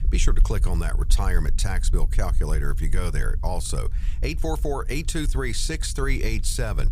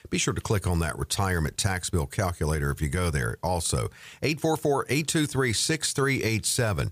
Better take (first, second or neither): second